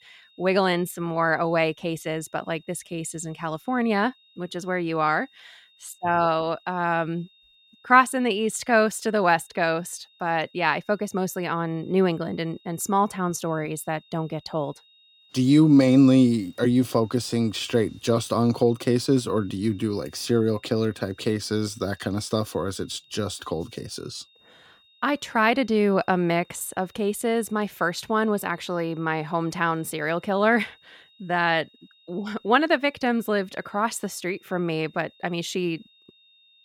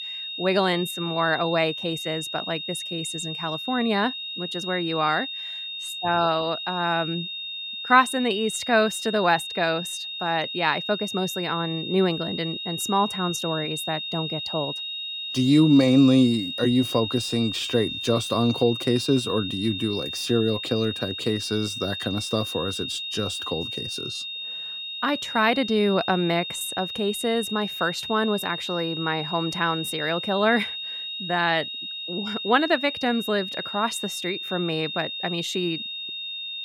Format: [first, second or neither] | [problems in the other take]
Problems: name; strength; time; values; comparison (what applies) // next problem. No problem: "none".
first | high-pitched whine; loud; throughout; 3.5 kHz, 5 dB below the speech; faint in the first